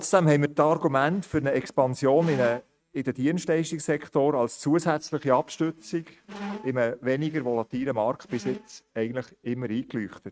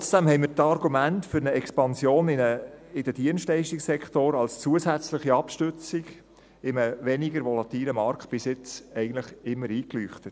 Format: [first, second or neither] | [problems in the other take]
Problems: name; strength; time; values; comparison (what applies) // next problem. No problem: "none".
second | noise reduction (neural mask model RNNoise)